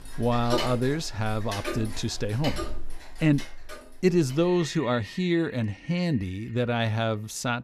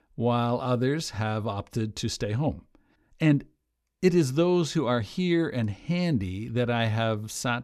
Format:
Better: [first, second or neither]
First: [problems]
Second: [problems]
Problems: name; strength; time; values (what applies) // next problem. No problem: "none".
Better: second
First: household noises; noticeable; throughout; 10 dB below the speech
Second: none